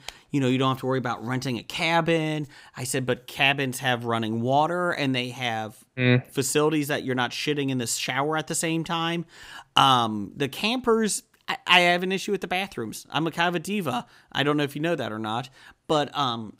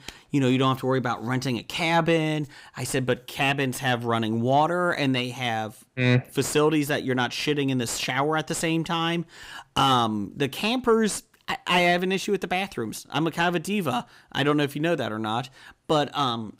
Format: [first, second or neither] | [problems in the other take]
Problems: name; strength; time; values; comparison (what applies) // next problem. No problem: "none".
first | distortion; slight; 10 dB below the speech